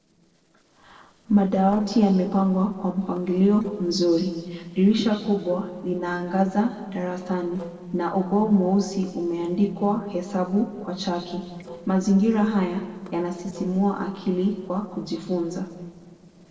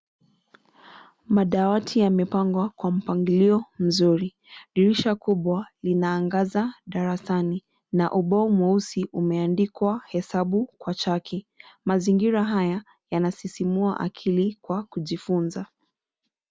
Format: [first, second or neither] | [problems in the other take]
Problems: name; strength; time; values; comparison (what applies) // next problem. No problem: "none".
second | noise reduction (neural separator model SepFormer DNS4)